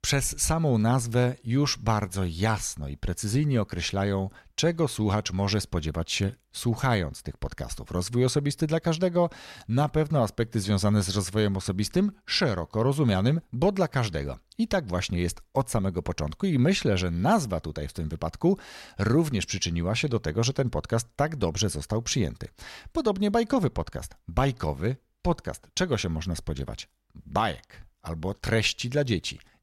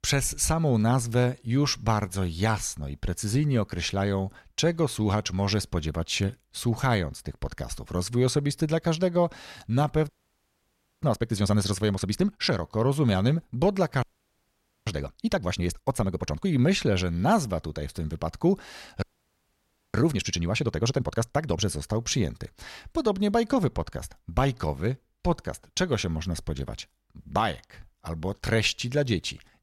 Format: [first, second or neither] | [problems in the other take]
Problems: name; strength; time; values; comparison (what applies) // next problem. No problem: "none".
first | audio freezing; at 10 s for 1 s, at 14 s for 1 s and at 19 s for 1 s